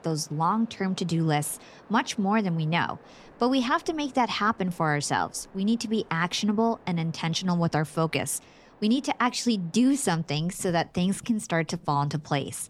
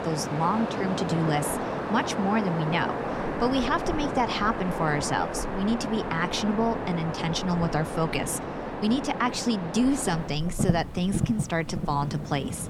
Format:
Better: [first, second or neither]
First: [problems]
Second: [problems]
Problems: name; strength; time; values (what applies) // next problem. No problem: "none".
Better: first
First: rain or running water; faint; throughout; 25 dB below the speech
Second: rain or running water; loud; throughout; 4 dB below the speech